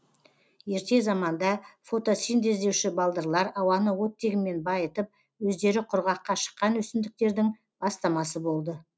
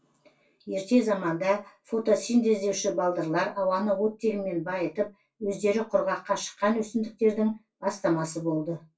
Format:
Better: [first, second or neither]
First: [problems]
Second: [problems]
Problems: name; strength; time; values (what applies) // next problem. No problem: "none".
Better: first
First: none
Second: room echo; dies away in 0.2 s